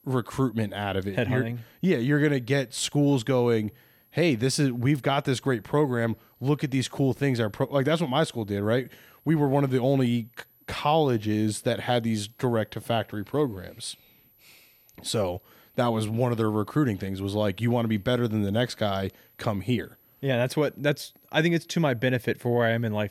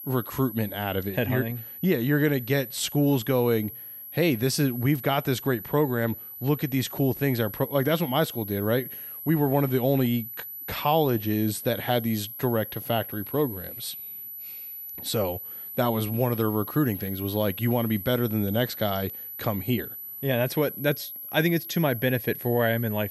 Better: first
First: high-pitched whine; faint; throughout; 12 kHz, 30 dB below the speech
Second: high-pitched whine; loud; throughout; 12 kHz, 10 dB below the speech

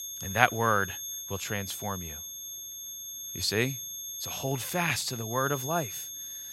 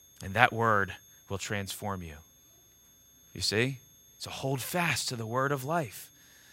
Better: second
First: high-pitched whine; loud; throughout; 6.5 kHz, 7 dB below the speech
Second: high-pitched whine; faint; throughout; 6.5 kHz, 25 dB below the speech

